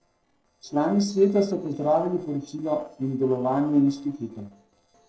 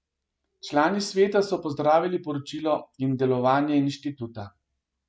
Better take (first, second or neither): second